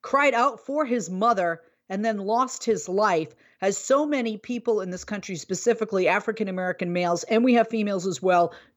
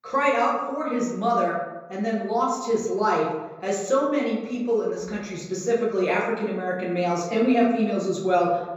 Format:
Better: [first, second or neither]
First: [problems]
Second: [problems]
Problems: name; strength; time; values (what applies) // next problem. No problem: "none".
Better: first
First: none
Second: room echo; noticeable; dies away in 0.9 s // off-mic speech; far